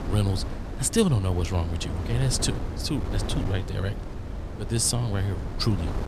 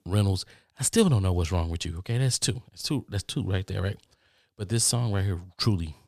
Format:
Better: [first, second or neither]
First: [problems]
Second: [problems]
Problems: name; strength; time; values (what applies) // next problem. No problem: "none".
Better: second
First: wind noise on the microphone; heavy; 9 dB below the speech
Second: none